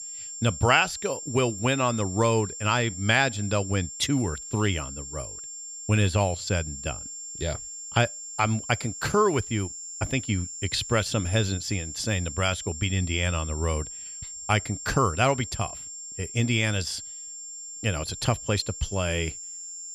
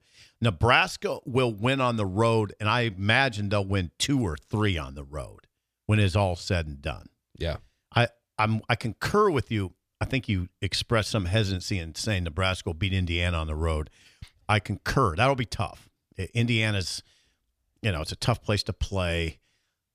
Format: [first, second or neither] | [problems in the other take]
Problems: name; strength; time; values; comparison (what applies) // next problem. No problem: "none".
second | high-pitched whine; loud; throughout; 7.5 kHz, 9 dB below the speech